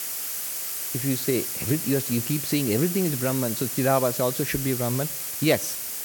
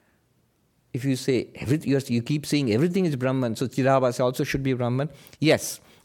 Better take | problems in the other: second | hiss; loud; throughout; 2 dB below the speech

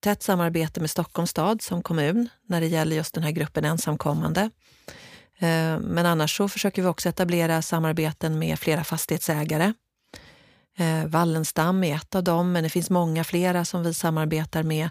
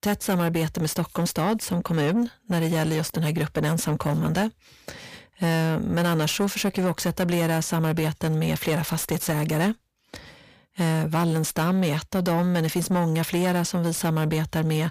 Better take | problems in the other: first | distortion; slight; 10 dB below the speech

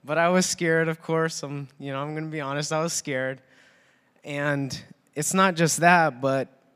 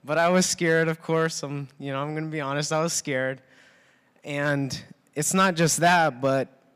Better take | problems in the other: first | distortion; slight; 1.5% of the sound clipped

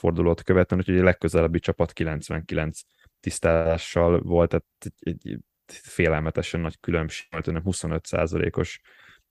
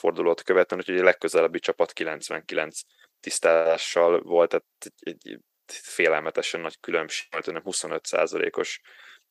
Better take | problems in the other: first | thin; very; fading below 400 Hz

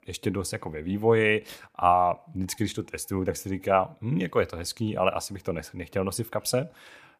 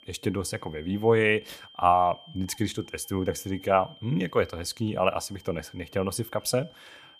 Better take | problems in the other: first | high-pitched whine; faint; throughout; 3 kHz, 25 dB below the speech

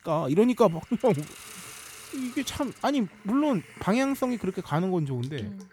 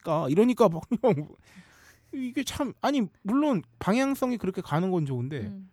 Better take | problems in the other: second | hiss; noticeable; throughout; 20 dB below the speech

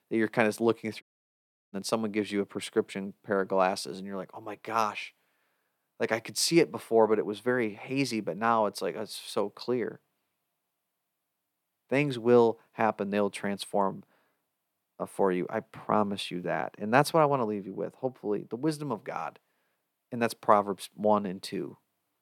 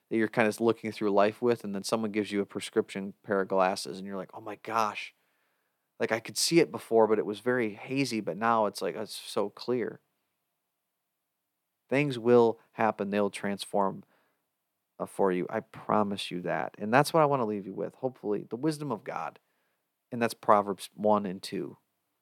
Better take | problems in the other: second | audio cutting out; at 1 s for 0.5 s

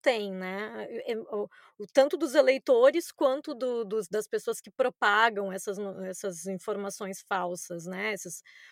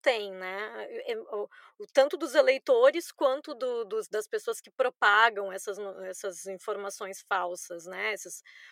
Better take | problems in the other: first | thin; somewhat; fading below 450 Hz

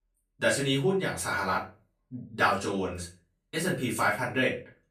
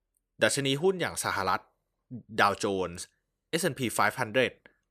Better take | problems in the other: second | off-mic speech; far // room echo; slight; dies away in 0.3 s

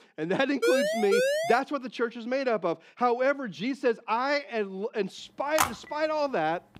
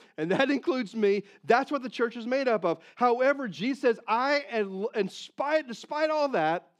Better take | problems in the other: second | siren; loud; at 0.5 s; peak 3 dB above the speech // phone ringing; loud; at 5.5 s; peak level with the speech

